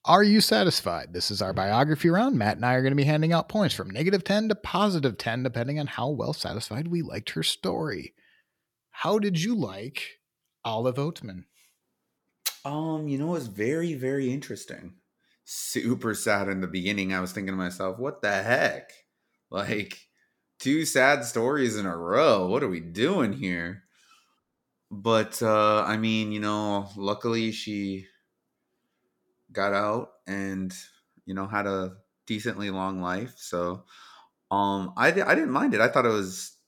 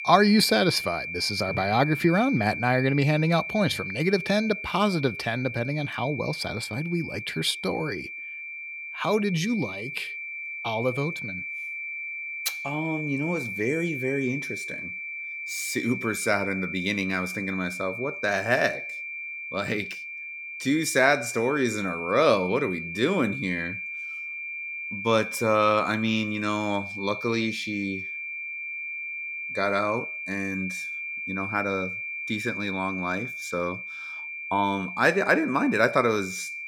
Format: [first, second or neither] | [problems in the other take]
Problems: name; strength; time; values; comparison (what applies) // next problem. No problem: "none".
first | high-pitched whine; loud; throughout; 2.5 kHz, 6 dB below the speech